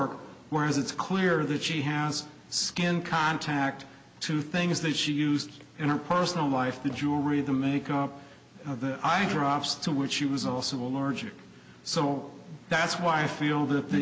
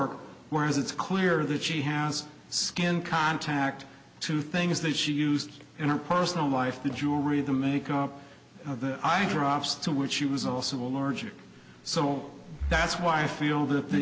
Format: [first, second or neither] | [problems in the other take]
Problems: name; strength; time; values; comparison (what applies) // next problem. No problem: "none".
first | background sound (Breathing); 11 dB below the speech